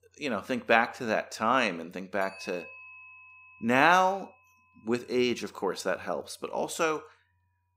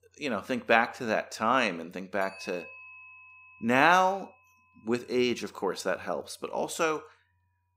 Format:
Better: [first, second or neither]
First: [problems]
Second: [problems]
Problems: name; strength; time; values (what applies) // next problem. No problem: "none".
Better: neither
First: household noises; noticeable; throughout; 20 dB below the speech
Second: household noises; noticeable; throughout; 20 dB below the speech